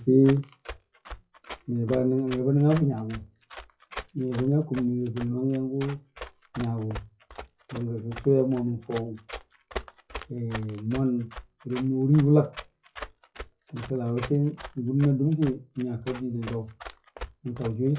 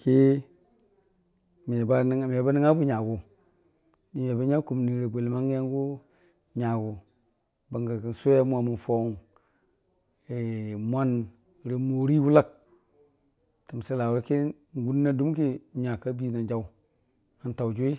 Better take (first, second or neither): second